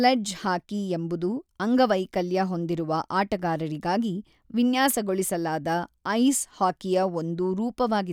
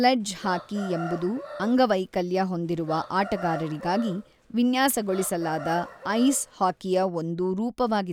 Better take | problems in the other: first | background sound (Chicken, rooster); 14 dB below the speech

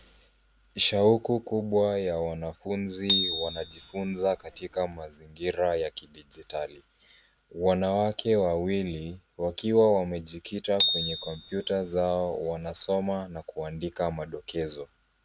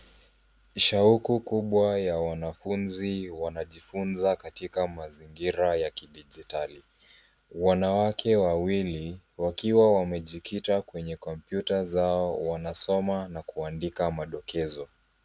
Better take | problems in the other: second | background sound (Bicycle bell); 3 dB below the speech

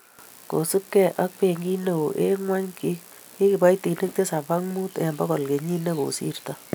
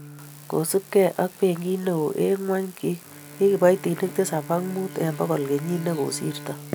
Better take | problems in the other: first | background sound (Bowed string instrument); 18 dB below the speech

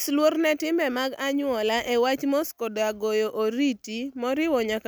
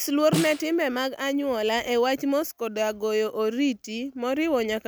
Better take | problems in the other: first | background sound (Snare drum); 9 dB below the speech

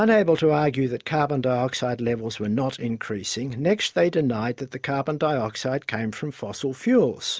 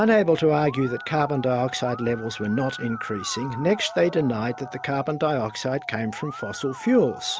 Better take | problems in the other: first | background sound (Musical instrument); 14 dB below the speech

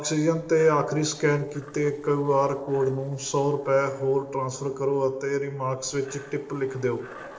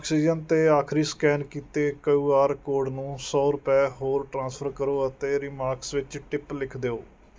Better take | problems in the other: second | noise reduction (neural separator model SepFormer DNS4)

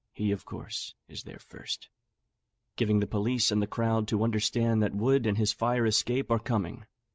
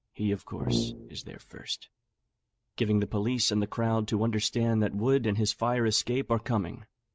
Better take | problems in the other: first | background sound (Brass instrument); 4 dB below the speech

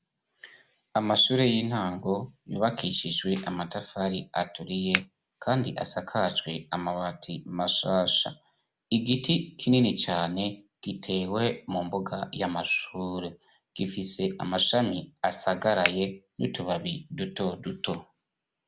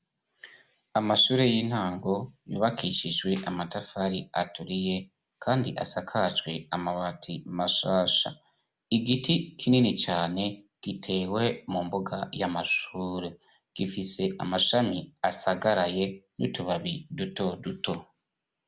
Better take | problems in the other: second | background sound (Finger snapping); 1 dB below the speech

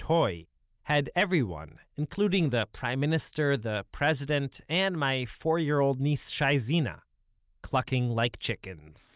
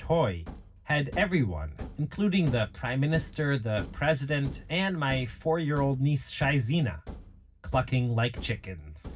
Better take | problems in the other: first | background sound (Thump, thud); 15 dB below the speech // room echo; dies away in 0.4 s

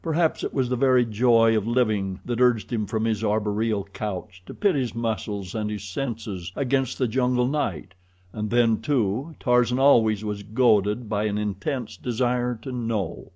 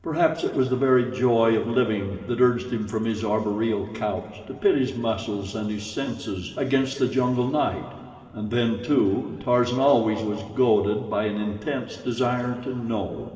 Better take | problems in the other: first | room echo; dies away in 2.1 s

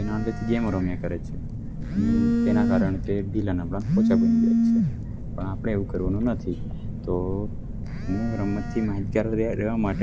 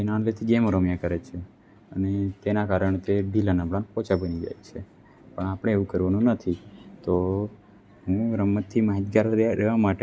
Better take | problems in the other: second | background sound (Telephone); 2 dB above the speech

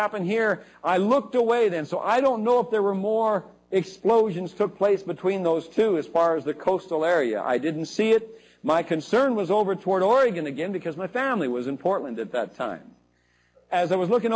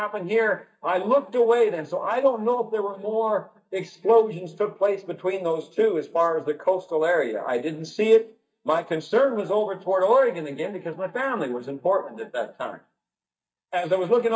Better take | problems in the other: first | noise reduction (neural mask model DeepFilterNet 3)

